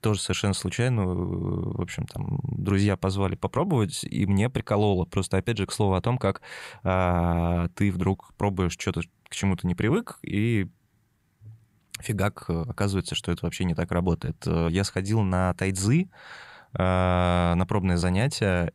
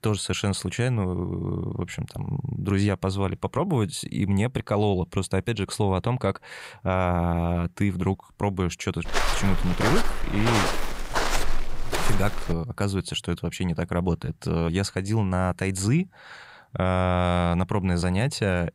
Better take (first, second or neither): first